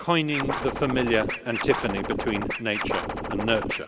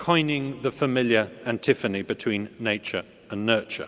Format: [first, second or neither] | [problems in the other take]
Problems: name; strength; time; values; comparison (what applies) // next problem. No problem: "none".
second | background sound (Scratching (performance technique)); 3 dB below the speech